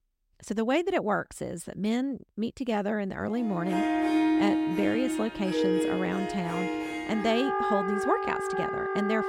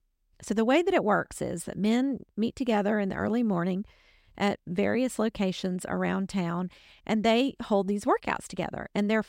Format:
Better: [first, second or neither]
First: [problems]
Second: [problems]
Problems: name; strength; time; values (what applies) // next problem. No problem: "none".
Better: second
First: background music; very loud; from 3.5 s on; 2 dB above the speech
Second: none